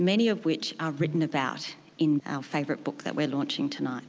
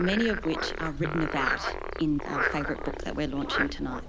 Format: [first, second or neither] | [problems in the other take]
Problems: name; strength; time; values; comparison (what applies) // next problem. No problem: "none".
first | background sound (Frog); 2 dB below the speech